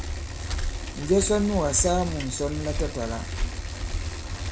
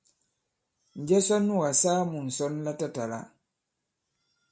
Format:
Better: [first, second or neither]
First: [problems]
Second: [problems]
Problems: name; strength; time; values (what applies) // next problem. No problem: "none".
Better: second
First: background sound (Bicycle); 2 dB below the speech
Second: none